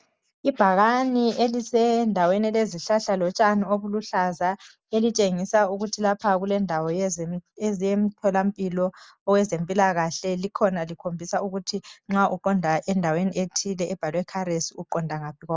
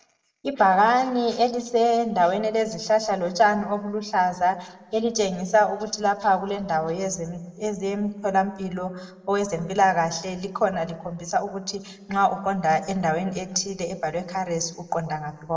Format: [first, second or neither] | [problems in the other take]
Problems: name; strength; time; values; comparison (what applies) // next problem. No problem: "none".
first | room echo; dies away in 0.9 s